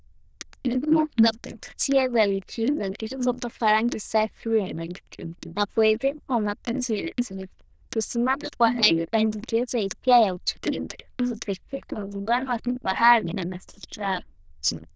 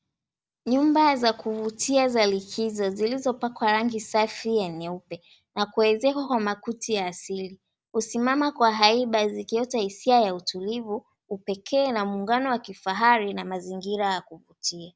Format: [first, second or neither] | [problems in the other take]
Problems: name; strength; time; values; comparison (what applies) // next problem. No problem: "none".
second | noise reduction (neural diffusion model UNIVERSE++)